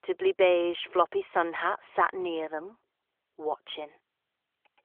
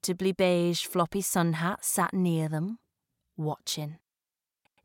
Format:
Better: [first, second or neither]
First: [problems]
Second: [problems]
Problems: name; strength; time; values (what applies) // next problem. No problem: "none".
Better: second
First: phone-call audio; nothing above 3.5 kHz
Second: none